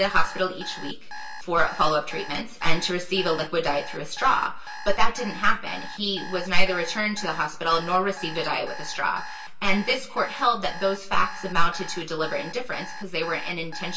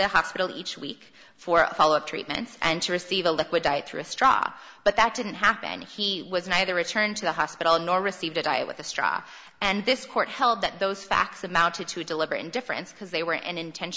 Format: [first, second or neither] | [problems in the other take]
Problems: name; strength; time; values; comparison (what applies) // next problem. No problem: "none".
second | background sound (Alarm); 17 dB below the speech // room echo; dies away in 0.2 s